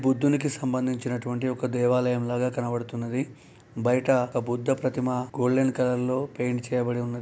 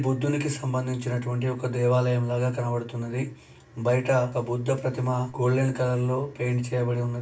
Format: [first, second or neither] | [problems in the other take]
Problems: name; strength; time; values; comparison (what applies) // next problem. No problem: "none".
first | room echo; dies away in 0.2 s